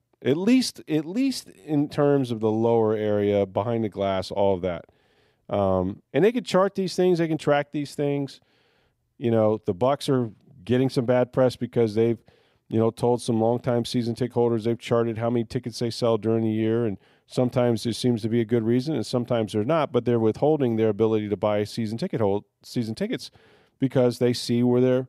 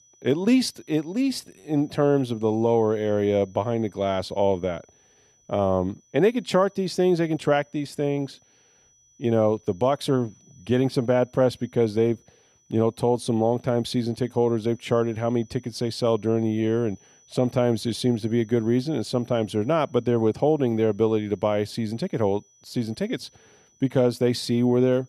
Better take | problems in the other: first | high-pitched whine; faint; throughout; 6 kHz, 30 dB below the speech

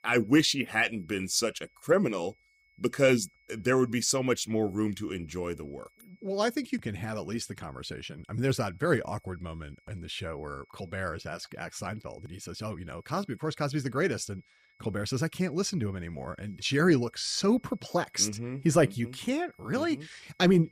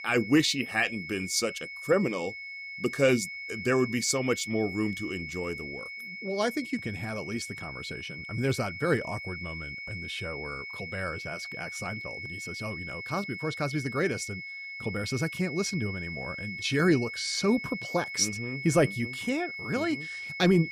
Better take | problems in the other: first | high-pitched whine; loud; throughout; 2 kHz, 7 dB below the speech; faint in the first

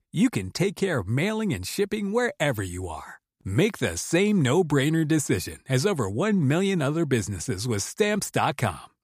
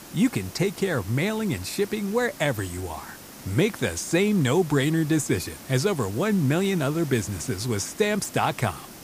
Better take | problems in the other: first | hiss; noticeable; throughout; 15 dB below the speech

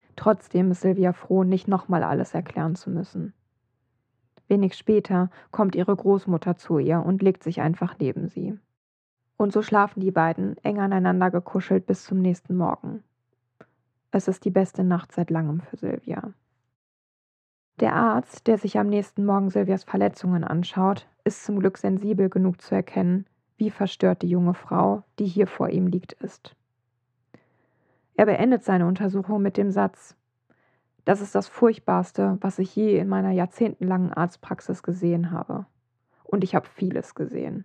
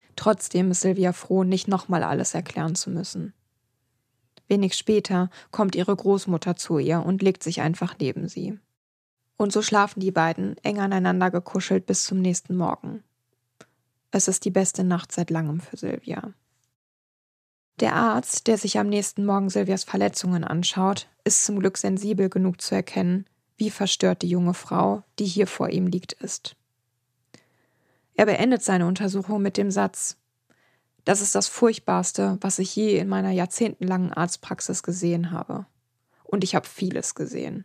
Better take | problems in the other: second | muffled; very; fading above 3.5 kHz

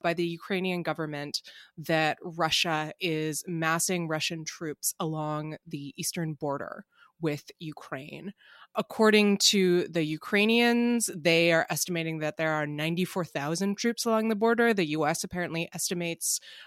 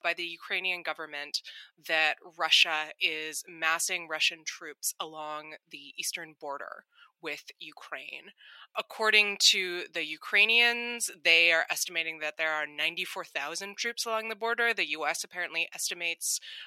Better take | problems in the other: first | thin; very; fading below 600 Hz

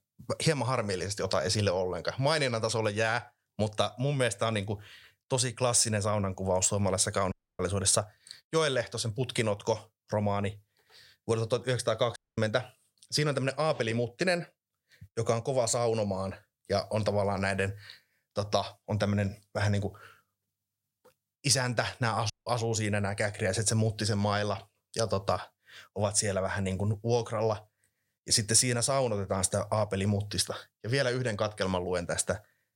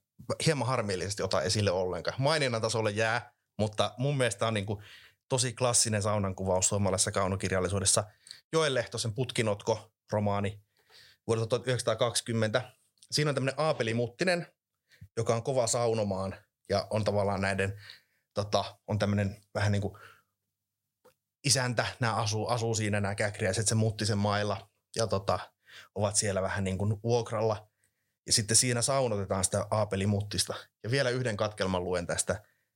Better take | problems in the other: second | audio cutting out; at 7.5 s, at 12 s and at 22 s

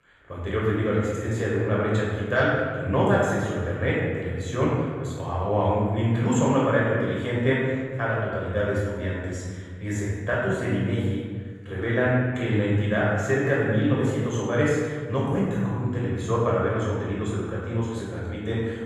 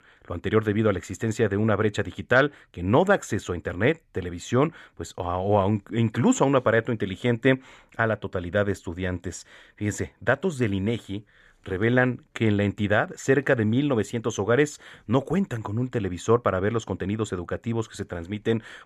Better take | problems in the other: second | off-mic speech; far // room echo; strong; dies away in 1.6 s

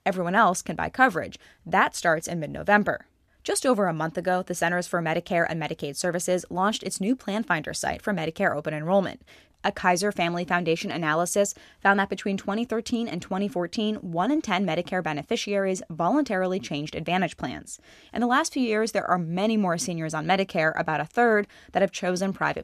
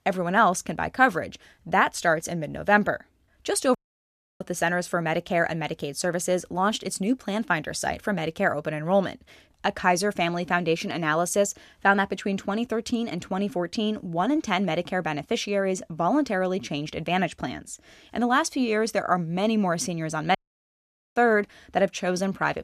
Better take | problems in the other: first | audio cutting out; at 4 s for 0.5 s and at 20 s for 1 s

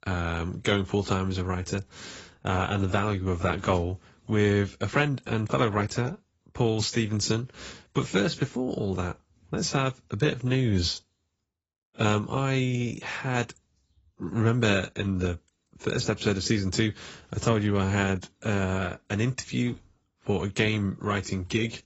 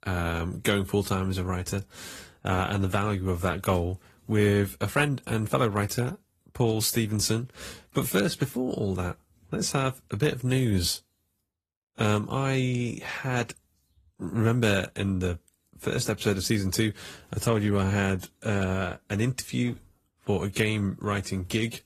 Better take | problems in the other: second | garbled, watery; badly; nothing above 7.5 kHz; slightly in the second

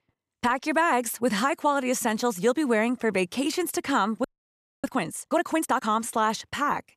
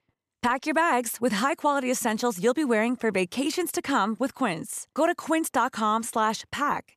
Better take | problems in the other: second | audio freezing; at 4 s for 0.5 s

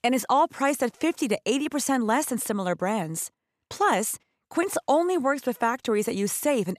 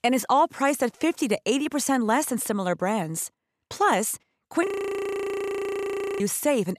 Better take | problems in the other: first | audio freezing; at 4.5 s for 1.5 s

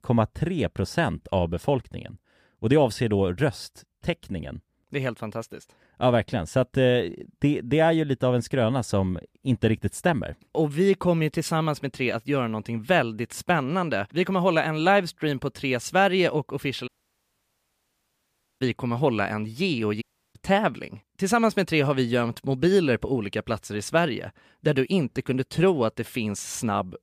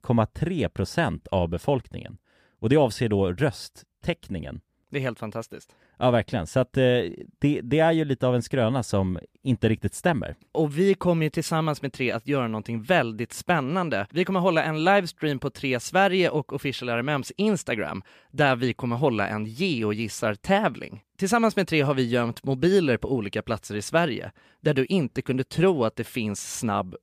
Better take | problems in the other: second | audio cutting out; at 17 s for 1.5 s and at 20 s

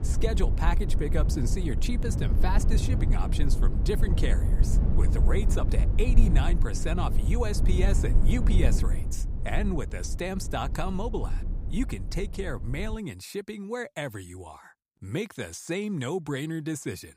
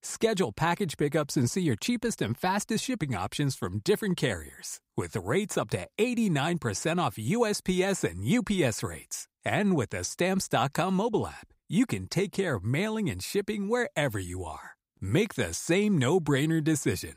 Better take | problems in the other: second | low rumble; loud; until 13 s; 7 dB below the speech

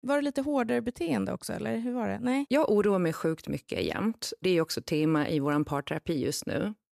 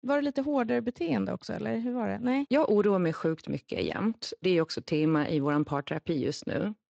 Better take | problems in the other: first | garbled, watery; slightly; nothing above 7.5 kHz

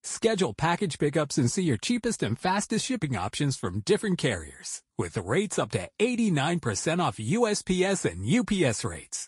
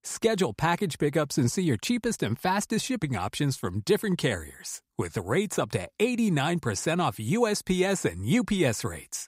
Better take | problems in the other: second | garbled, watery; slightly

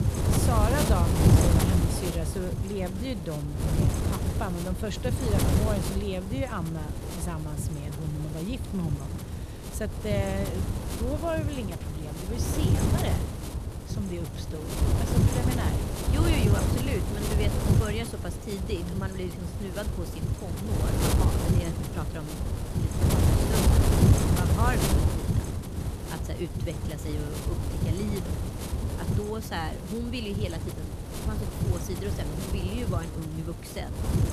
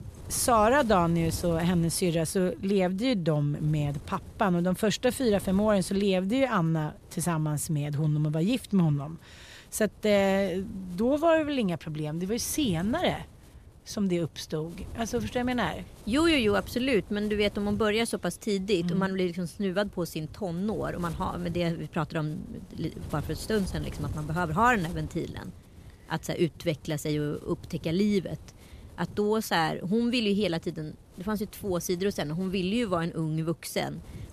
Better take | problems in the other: second | wind noise on the microphone; heavy; 1 dB above the speech; occasional gusts in the second

